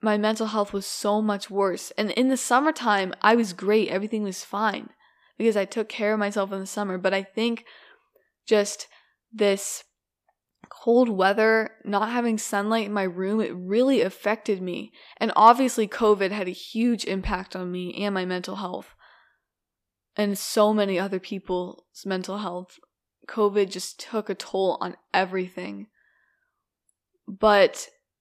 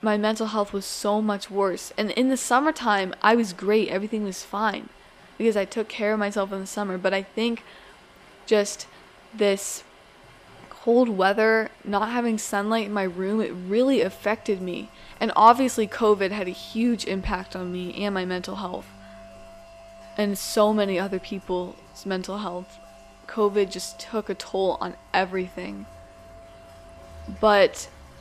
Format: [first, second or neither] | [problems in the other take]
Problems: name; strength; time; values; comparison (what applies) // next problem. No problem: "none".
first | rain or running water; faint; throughout; 25 dB below the speech